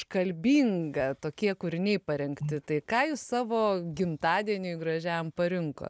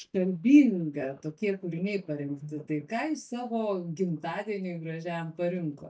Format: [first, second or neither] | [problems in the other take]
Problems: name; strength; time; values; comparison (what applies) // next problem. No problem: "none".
first | noise reduction (neural mask model DeepFilterNet 3)